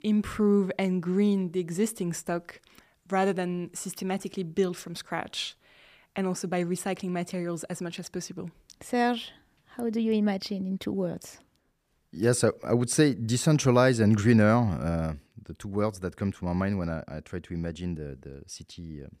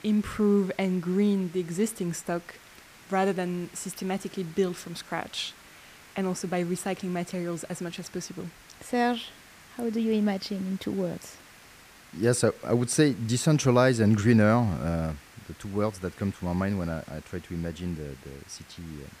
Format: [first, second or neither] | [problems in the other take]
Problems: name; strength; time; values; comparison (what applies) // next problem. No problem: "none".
first | hiss; faint; throughout; 20 dB below the speech